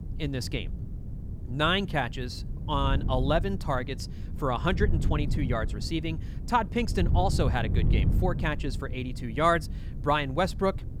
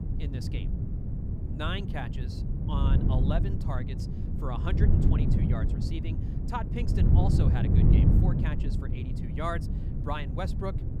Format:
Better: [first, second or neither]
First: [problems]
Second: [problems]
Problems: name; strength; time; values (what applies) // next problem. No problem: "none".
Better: first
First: wind noise on the microphone; occasional gusts; 15 dB below the speech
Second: wind noise on the microphone; heavy; 1 dB below the speech